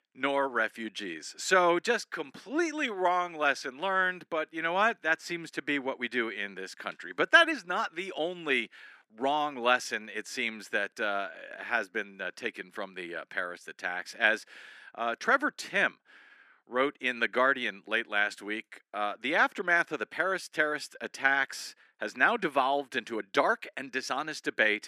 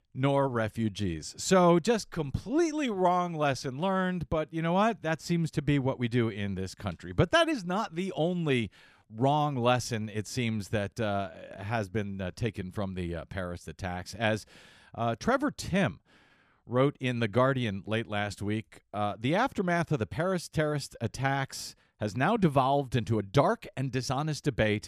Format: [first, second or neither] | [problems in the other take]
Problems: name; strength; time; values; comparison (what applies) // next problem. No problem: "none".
second | thin; somewhat; fading below 250 Hz